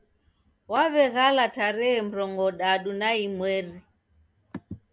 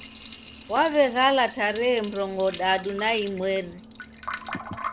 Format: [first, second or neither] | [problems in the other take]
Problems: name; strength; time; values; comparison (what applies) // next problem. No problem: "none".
first | background sound (Liquid); 14 dB below the speech